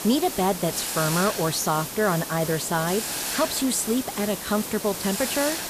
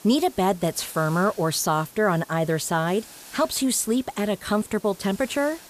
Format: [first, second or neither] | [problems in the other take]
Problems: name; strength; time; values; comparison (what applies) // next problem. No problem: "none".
second | hiss; loud; throughout; 4 dB below the speech; faint in the second